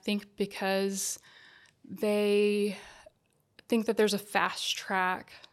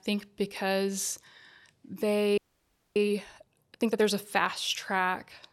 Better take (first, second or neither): first